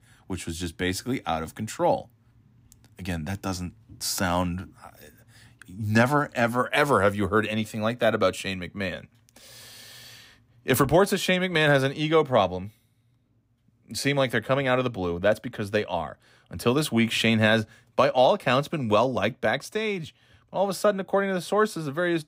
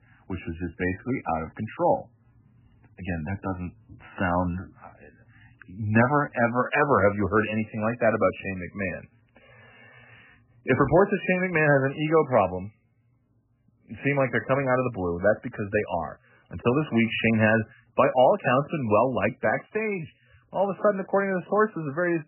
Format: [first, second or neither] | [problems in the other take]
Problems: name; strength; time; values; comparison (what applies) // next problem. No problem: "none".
first | garbled, watery; badly; nothing above 3 kHz